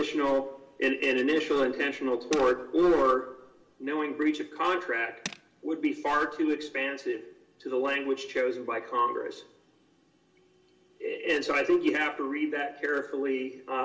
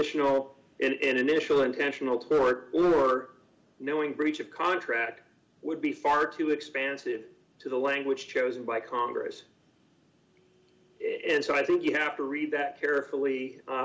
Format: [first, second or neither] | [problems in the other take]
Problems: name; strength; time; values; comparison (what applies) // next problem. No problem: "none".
second | background sound (Tools); 17 dB below the speech // room echo; dies away in 0.8 s